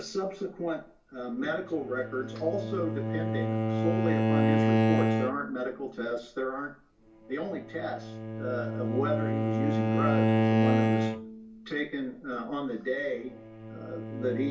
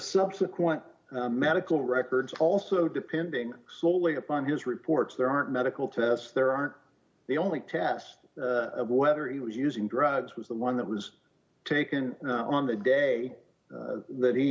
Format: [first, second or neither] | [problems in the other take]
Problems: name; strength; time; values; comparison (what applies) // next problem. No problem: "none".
second | background sound (Bowed string instrument); 4 dB above the speech // room echo; dies away in 0.3 s